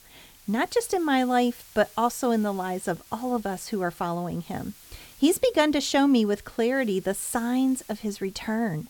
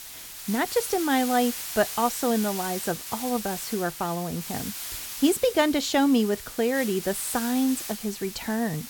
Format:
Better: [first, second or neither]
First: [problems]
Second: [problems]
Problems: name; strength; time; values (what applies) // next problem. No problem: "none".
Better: first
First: hiss; faint; throughout; 25 dB below the speech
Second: hiss; loud; throughout; 8 dB below the speech